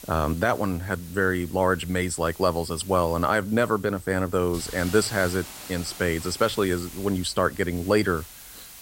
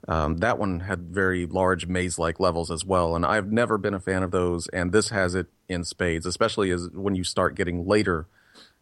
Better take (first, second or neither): second